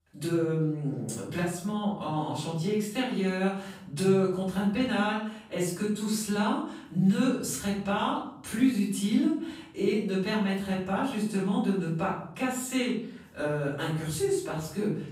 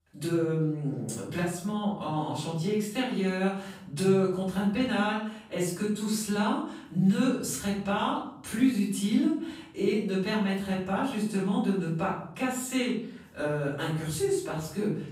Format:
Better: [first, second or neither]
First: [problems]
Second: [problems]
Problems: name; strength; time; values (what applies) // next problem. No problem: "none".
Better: neither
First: off-mic speech; far // room echo; noticeable; dies away in 0.6 s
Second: off-mic speech; far // room echo; noticeable; dies away in 0.6 s